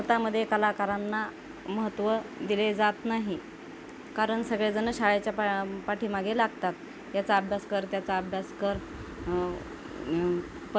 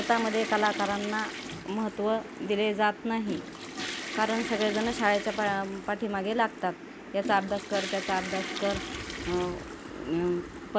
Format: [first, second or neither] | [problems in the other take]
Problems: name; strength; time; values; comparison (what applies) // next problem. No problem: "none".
first | background sound (Toilet flush / Water); 10 dB below the speech